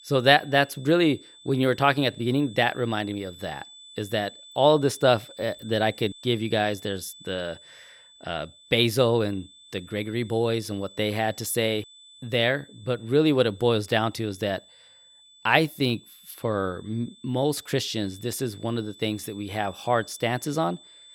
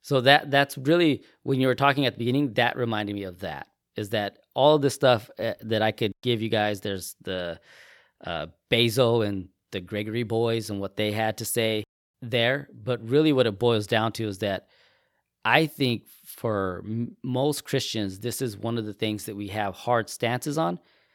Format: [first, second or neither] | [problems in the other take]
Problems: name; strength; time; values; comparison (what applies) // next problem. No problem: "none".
second | high-pitched whine; faint; throughout; 3.5 kHz, 20 dB below the speech